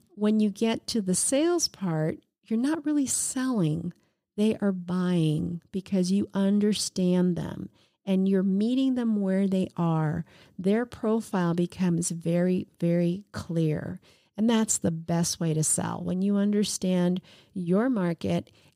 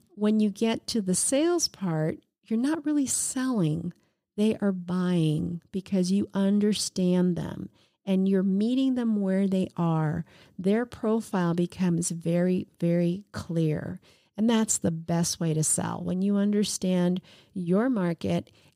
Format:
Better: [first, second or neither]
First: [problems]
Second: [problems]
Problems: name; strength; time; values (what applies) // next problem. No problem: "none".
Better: neither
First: none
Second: none